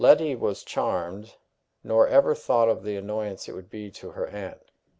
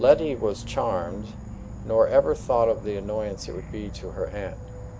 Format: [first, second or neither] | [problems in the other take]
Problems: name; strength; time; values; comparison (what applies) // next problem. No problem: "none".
first | background sound (Insect / Frog); 12 dB below the speech